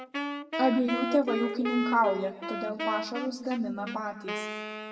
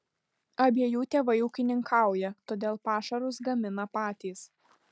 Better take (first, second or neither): second